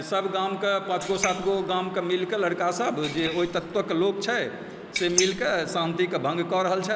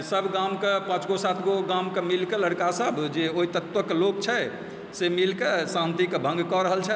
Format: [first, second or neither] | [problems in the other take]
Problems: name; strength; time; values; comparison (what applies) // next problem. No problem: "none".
second | noise reduction (neural mask model Resemble Enhance denoiser)